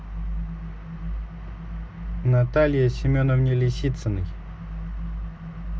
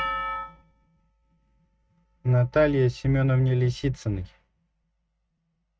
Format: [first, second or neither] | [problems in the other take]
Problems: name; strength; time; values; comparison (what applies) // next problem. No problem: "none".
first | noise reduction (neural mask model RNNoise)